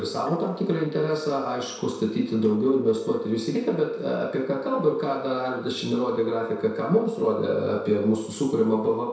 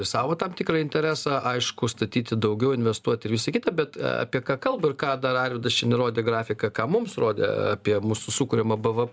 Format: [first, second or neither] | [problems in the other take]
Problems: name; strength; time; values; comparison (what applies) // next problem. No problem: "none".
second | noise reduction (neural separator model SepFormer DNS4)